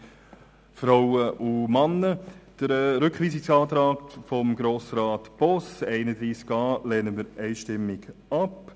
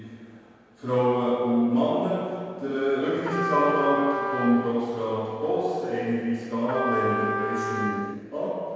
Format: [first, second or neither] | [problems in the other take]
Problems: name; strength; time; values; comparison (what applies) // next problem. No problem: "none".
first | background sound (Trumpet); 5 dB below the speech // room echo; dies away in 1.9 s